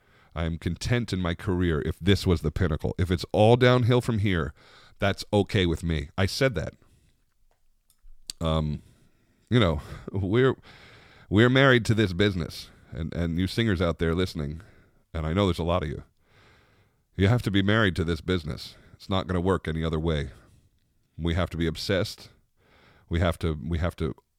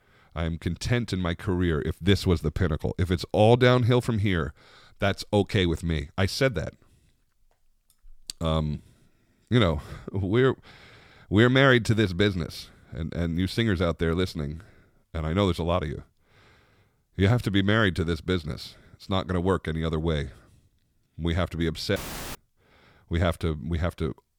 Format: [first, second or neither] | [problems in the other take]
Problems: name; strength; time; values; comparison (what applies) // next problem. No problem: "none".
first | audio cutting out; filled with static; at 22 s